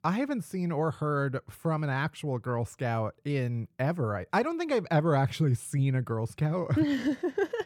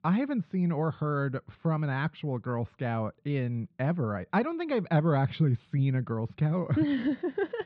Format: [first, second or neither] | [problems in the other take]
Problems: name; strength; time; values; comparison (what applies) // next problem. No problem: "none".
first | muffled; slightly; fading above 4 kHz